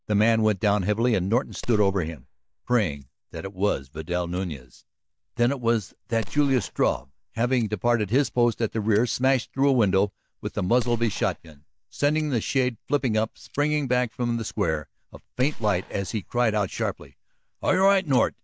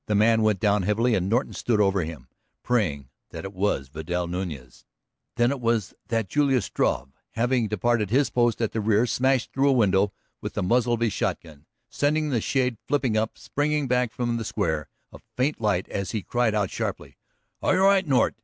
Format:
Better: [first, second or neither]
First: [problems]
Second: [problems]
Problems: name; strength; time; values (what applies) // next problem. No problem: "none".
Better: second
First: noise reduction (neural mask model DeepFilterNet 3)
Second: none